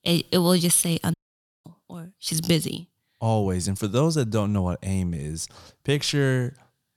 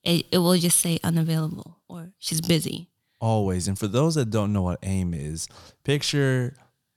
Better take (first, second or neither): second